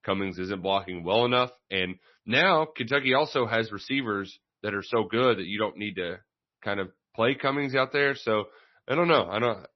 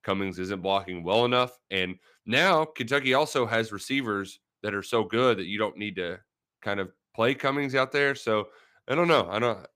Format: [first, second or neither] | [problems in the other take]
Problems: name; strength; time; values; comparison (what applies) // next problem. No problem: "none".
second | garbled, watery; slightly; nothing above 6 kHz